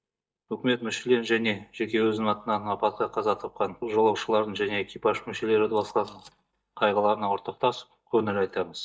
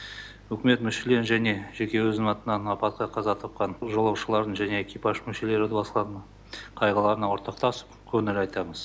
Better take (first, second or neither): second